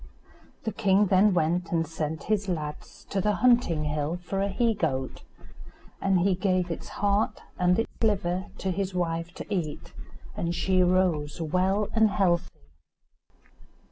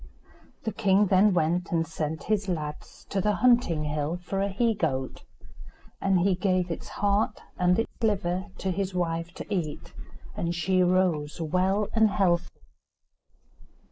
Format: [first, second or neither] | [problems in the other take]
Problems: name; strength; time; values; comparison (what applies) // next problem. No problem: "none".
first | noise reduction (neural mask model Resemble Enhance denoiser)